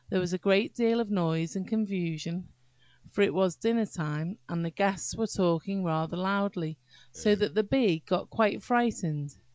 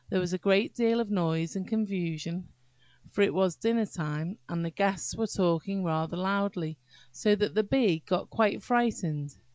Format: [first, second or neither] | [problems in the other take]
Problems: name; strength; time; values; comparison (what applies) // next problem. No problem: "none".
second | background sound (Burping, eructation); 19 dB below the speech